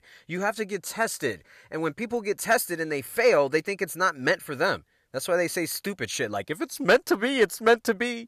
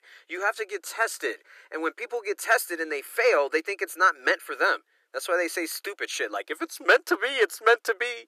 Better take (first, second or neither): first